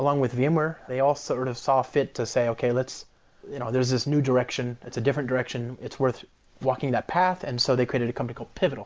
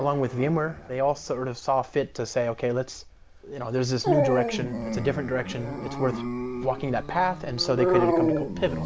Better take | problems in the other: first | background sound (Dog); 3 dB below the speech

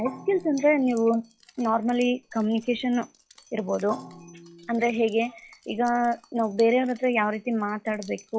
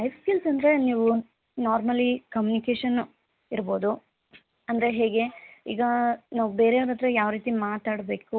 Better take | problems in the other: second | noise reduction (classical method log-MMSE)

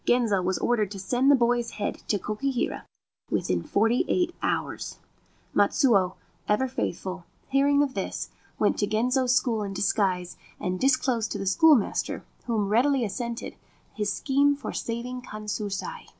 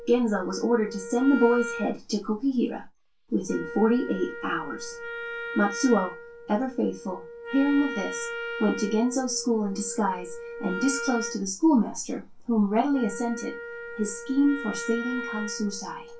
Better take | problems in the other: first | background sound (Wind instrument, woodwind instrument); 10 dB below the speech // room echo; dies away in 0.2 s

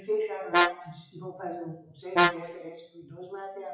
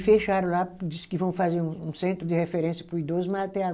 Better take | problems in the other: second | noise reduction (classical method WPE with log-MMSE)

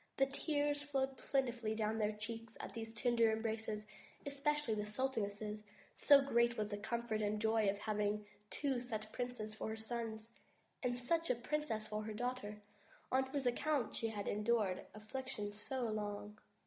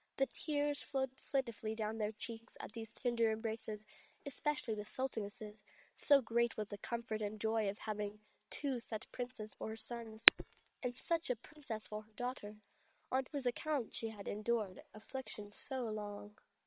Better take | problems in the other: first | noise reduction (neural separator model SepFormer WHAM!)

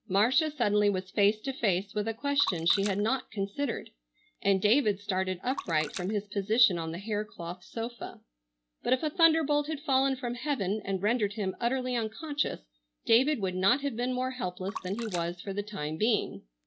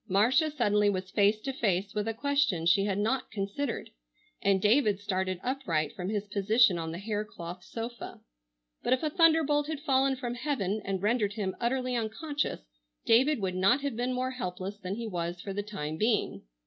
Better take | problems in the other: second | background sound (Splash, splatter); 16 dB below the speech

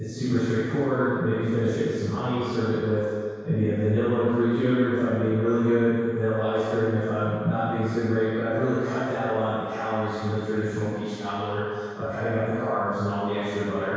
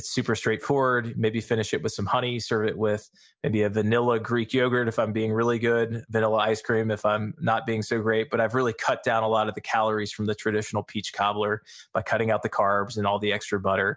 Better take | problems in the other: second | room echo; dies away in 2 s

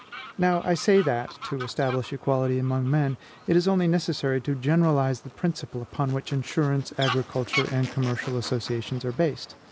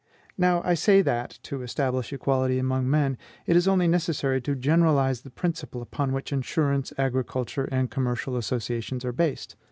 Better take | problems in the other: second | background sound (Fowl); 14 dB below the speech

